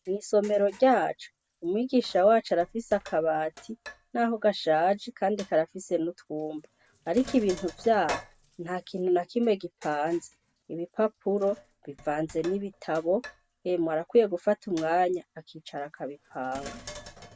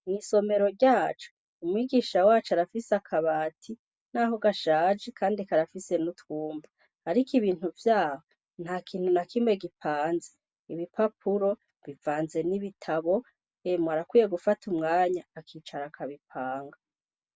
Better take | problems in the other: second | background sound (Sink (filling or washing)); 20 dB below the speech

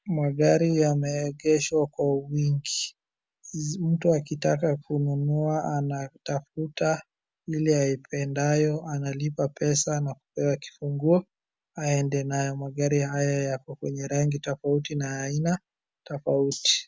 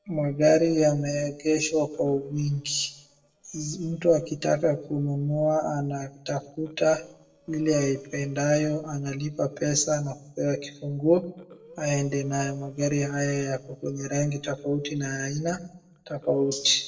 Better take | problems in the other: first | noise reduction (neural separator model SepFormer DNS4)

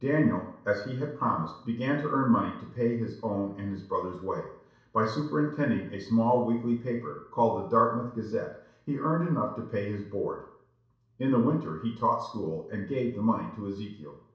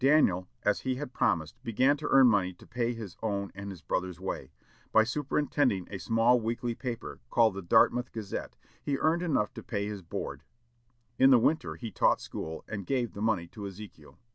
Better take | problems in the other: second | room echo; dies away in 0.6 s

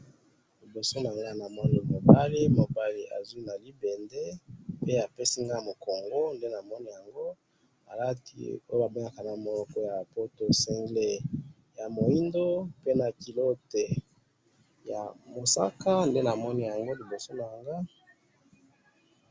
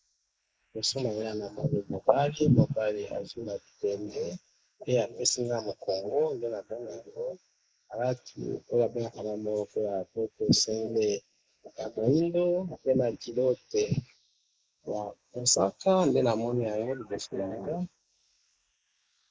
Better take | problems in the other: first | noise reduction (neural mask model Resemble Enhance denoiser)

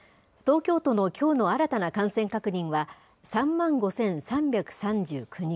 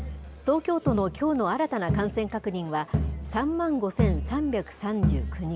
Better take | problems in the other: first | background sound (Crowd); 3 dB below the speech

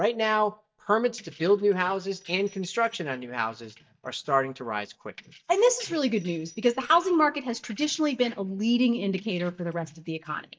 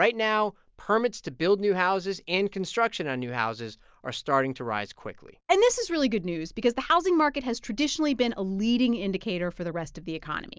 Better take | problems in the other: second | noise reduction (neural mask model DeepFilterNet 3)

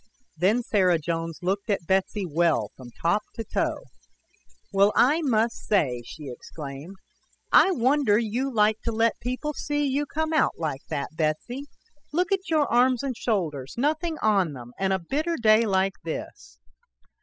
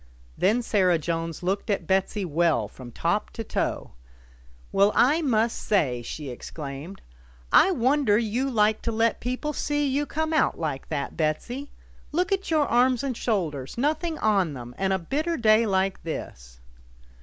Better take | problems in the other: second | noise reduction (classical method spectral subtraction)

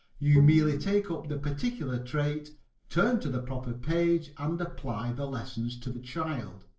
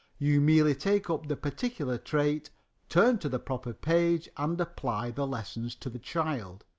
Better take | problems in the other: second | noise reduction (neural separator model SepFormer DNS4)

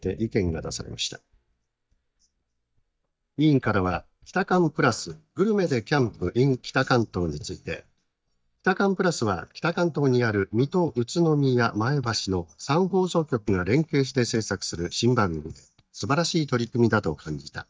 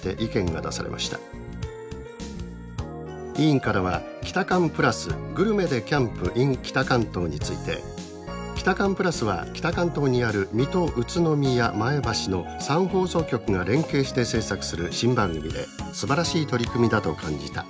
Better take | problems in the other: second | noise reduction (neural mask model DeepFilterNet 3)

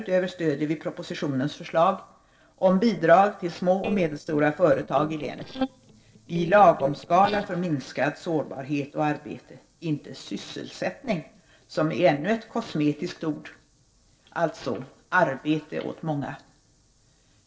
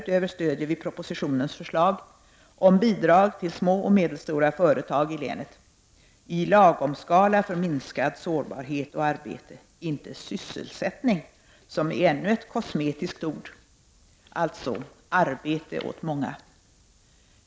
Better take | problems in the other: second | noise reduction (neural separator model SepFormer DNS4)

